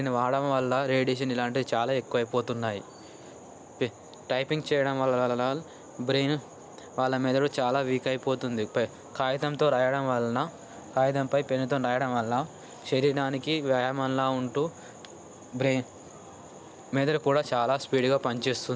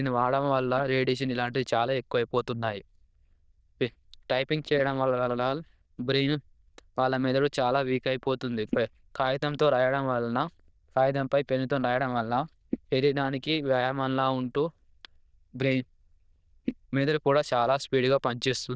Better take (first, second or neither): first